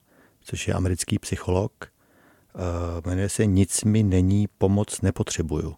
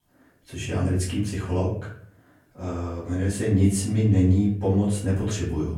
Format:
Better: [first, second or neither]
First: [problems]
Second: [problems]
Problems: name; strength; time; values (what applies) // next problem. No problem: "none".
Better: first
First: none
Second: off-mic speech; far // room echo; noticeable; dies away in 0.6 s